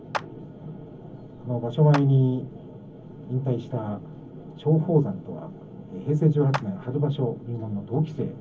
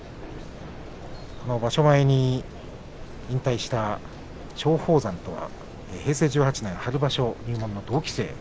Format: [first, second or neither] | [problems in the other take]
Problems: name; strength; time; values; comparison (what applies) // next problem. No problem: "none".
second | background sound (Clapping); 13 dB below the speech // room echo; dies away in 0.3 s